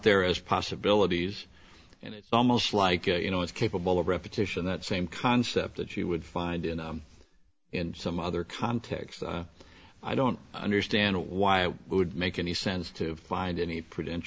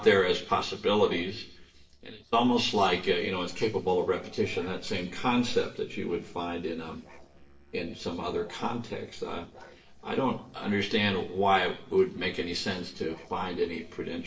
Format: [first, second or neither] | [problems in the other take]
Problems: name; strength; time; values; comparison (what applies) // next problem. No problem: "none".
first | noise reduction (neural separator model SepFormer DNS4)